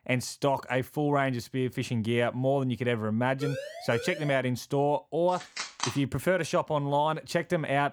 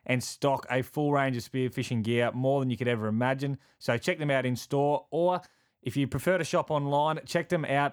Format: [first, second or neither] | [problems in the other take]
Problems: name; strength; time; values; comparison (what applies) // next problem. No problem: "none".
second | siren; noticeable; from 3.5 to 4.5 s; peak 8 dB below the speech // phone ringing; noticeable; at 5.5 s; peak 4 dB below the speech